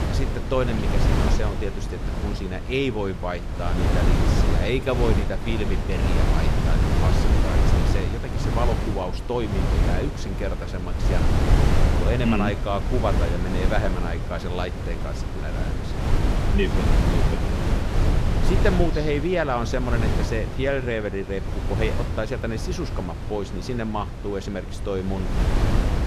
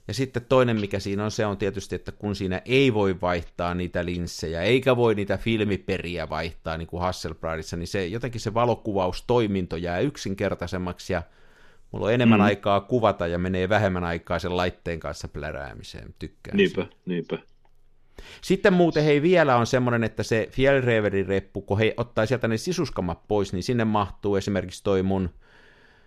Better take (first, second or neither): second